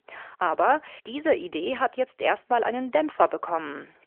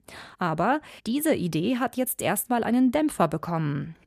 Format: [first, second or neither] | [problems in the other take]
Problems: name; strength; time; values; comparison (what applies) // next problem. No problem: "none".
second | phone-call audio; nothing above 3 kHz